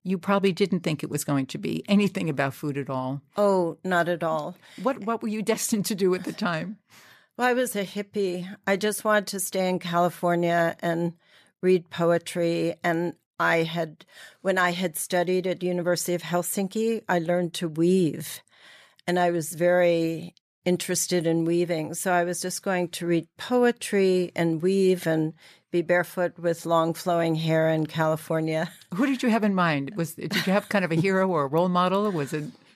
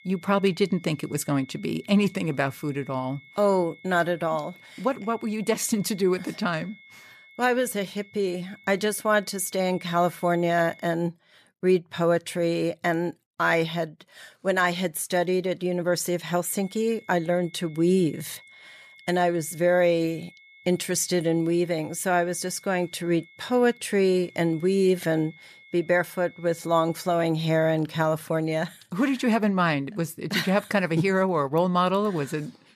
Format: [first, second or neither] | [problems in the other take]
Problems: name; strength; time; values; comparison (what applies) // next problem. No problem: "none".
first | high-pitched whine; faint; until 11 s and from 16 to 27 s; 2 kHz, 25 dB below the speech